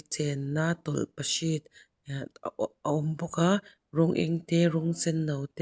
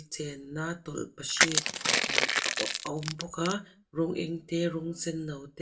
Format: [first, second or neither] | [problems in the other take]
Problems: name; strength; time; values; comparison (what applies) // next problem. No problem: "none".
first | background sound (Crushing); 4 dB above the speech // room echo; dies away in 0.2 s